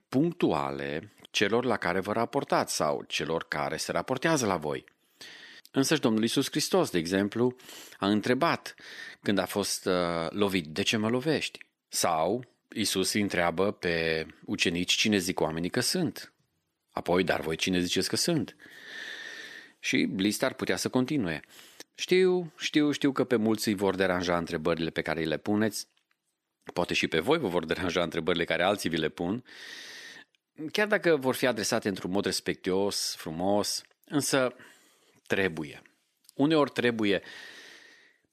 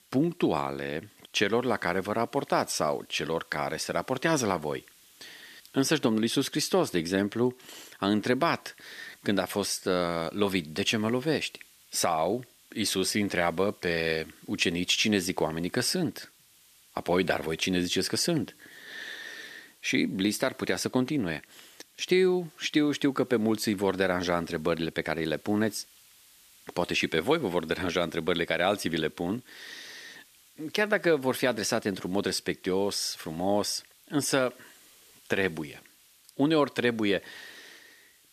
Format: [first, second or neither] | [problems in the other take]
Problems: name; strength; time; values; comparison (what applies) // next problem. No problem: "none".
first | hiss; faint; throughout; 30 dB below the speech